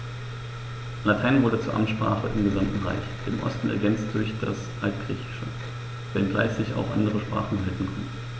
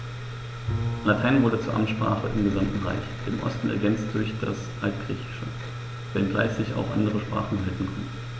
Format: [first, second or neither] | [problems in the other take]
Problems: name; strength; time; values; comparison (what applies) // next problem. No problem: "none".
first | background sound (Bowed string instrument); 12 dB below the speech